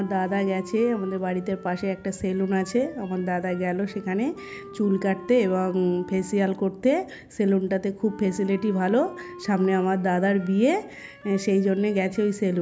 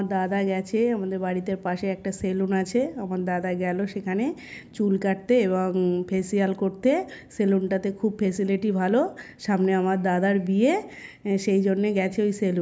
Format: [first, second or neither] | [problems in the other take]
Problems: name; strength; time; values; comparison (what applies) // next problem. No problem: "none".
second | background sound (Wind instrument, woodwind instrument); 19 dB below the speech